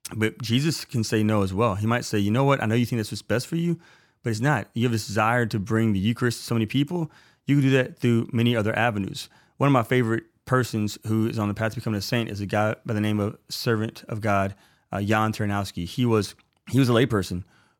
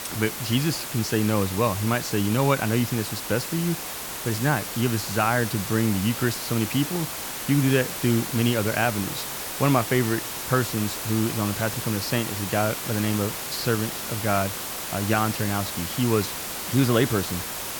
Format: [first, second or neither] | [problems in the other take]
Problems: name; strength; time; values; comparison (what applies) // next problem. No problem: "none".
first | hiss; loud; throughout; 5 dB below the speech